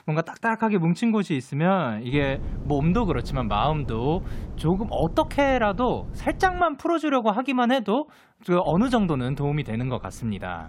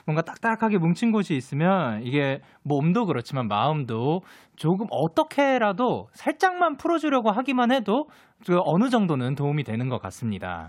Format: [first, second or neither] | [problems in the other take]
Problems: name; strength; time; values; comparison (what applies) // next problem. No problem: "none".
second | wind noise on the microphone; occasional gusts; from 2 to 6.5 s and from 8.5 s on; 20 dB below the speech